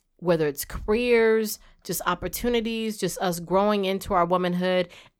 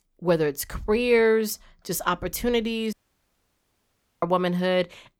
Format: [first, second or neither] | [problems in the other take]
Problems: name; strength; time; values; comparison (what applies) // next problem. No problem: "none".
first | audio cutting out; at 3 s for 1.5 s